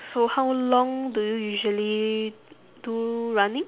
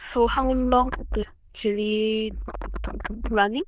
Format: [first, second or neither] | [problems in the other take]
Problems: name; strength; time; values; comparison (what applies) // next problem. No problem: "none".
first | noise reduction (neural diffusion model UNIVERSE++)